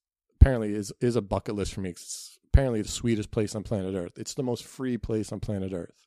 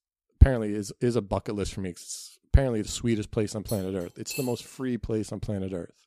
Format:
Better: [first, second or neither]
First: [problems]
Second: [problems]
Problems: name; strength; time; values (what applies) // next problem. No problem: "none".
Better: first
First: none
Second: clattering dishes; noticeable; at 3.5 s; peak 9 dB below the speech